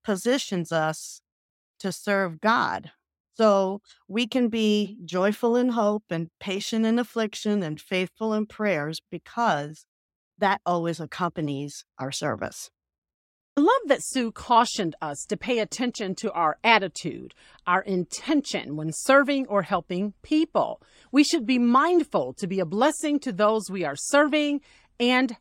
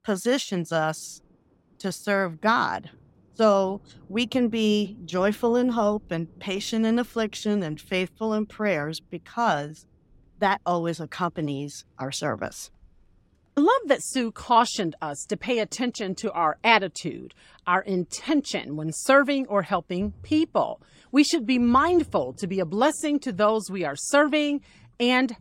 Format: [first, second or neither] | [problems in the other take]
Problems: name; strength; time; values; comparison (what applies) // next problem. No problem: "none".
first | rain or running water; faint; throughout; 30 dB below the speech